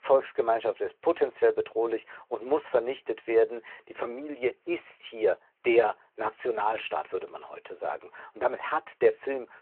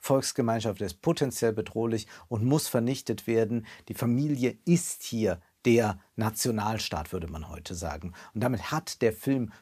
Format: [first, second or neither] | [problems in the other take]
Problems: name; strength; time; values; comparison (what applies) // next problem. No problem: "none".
second | phone-call audio